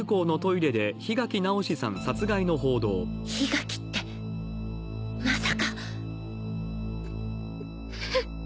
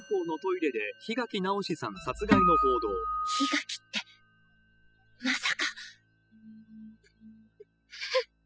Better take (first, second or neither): first